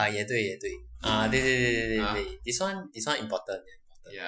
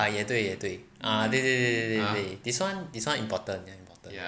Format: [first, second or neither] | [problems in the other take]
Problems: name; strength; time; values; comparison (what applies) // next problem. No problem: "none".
second | noise reduction (classical method Wiener filter)